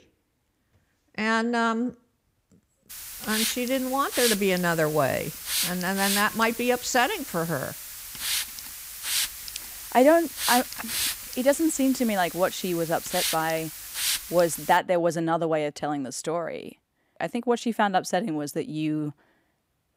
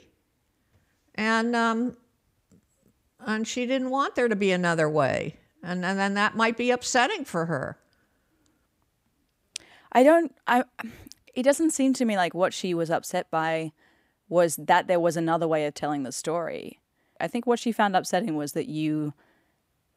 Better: second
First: hiss; loud; from 3 to 15 s; 4 dB below the speech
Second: none

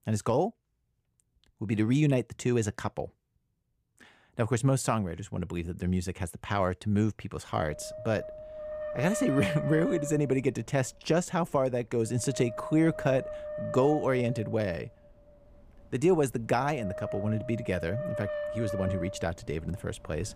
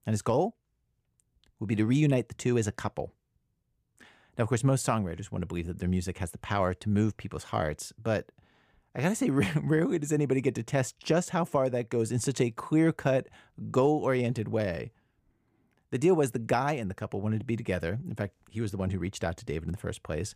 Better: second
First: wind noise on the microphone; heavy; from 7.5 s on; 5 dB below the speech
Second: none

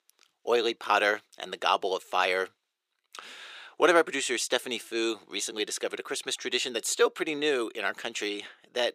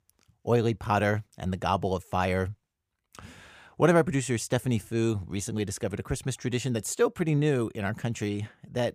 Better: second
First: thin; very; fading below 350 Hz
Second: none

